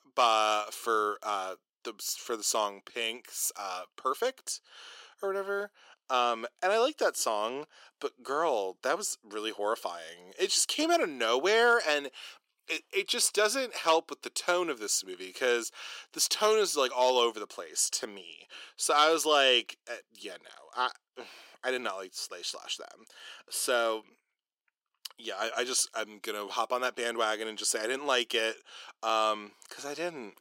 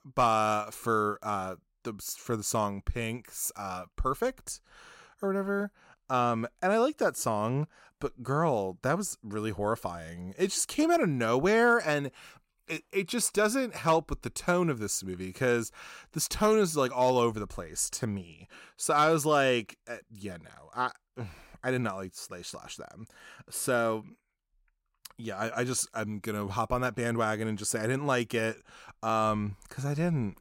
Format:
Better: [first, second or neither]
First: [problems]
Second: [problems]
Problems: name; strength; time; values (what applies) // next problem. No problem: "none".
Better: second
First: thin; somewhat; fading below 350 Hz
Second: none